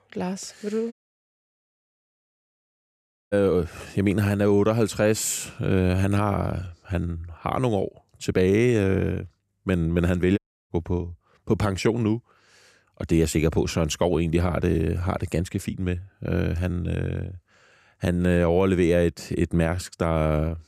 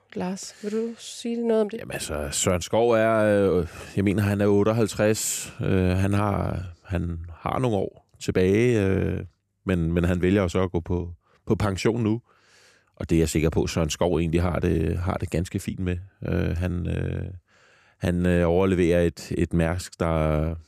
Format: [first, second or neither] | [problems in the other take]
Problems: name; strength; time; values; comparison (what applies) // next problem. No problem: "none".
second | audio cutting out; at 1 s for 2.5 s and at 10 s